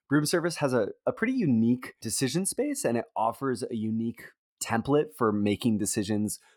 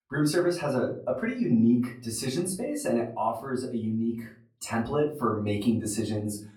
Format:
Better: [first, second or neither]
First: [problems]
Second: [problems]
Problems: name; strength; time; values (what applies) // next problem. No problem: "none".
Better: first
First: none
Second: room echo; slight; dies away in 0.4 s // off-mic speech; far